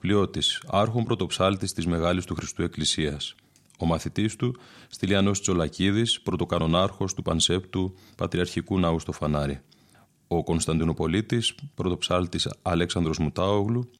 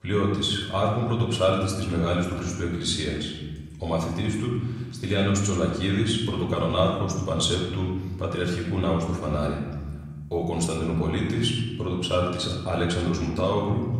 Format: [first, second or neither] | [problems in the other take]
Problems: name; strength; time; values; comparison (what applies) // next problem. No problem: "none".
first | off-mic speech; far // room echo; noticeable; dies away in 1.5 s